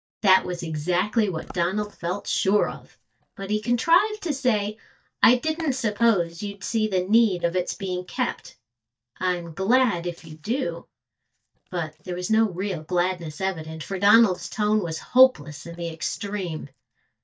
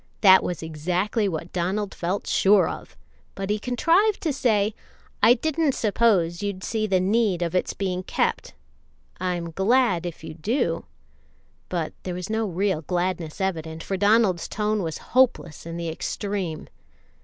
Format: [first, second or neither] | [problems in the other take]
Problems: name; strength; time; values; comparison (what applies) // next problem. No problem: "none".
second | noise reduction (neural mask model DeepFilterNet 3)